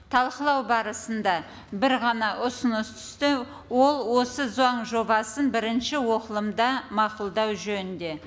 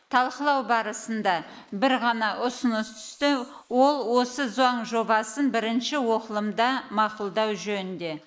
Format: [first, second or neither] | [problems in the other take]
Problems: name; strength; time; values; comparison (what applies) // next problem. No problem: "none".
first | noise reduction (neural mask model Resemble Enhance denoiser)